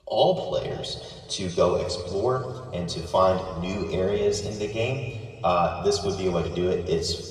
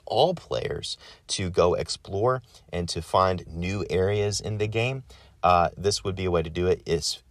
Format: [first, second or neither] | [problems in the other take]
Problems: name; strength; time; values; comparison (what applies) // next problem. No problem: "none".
second | room echo; noticeable; dies away in 2 s // off-mic speech; far